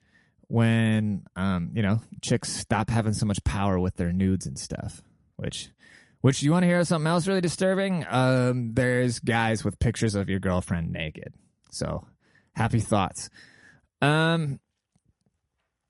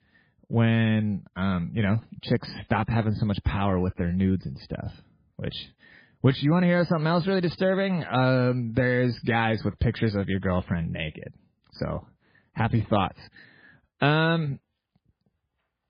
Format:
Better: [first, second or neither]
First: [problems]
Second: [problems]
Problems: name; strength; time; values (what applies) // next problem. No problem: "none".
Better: first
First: garbled, watery; slightly; nothing above 11 kHz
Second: garbled, watery; badly